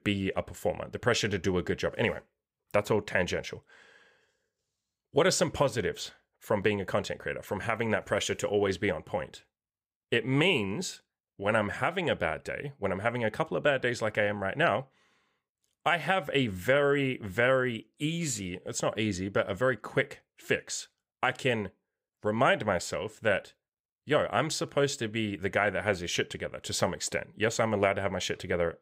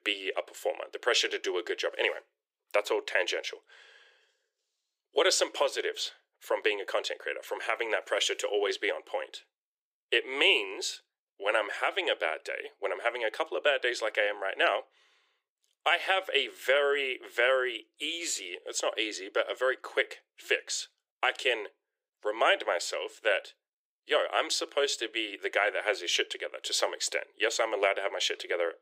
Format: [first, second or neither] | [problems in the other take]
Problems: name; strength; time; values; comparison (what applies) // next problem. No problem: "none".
first | thin; very; fading below 350 Hz